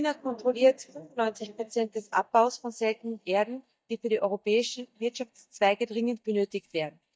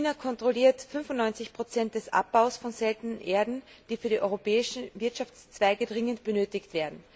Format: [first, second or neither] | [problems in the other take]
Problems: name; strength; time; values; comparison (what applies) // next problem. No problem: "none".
second | noise reduction (neural mask model DeepFilterNet 3)